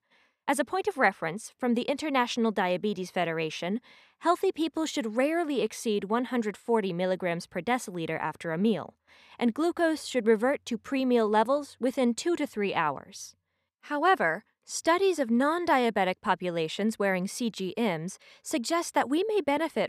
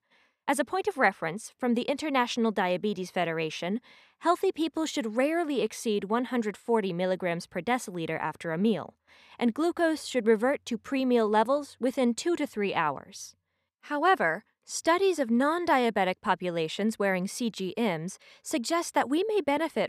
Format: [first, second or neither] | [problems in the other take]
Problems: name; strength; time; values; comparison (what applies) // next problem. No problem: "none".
neither | none